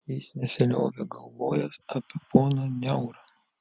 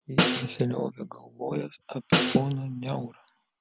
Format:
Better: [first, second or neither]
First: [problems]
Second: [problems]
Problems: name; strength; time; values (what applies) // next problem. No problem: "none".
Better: first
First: none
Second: background sound (Snare drum); 1 dB above the speech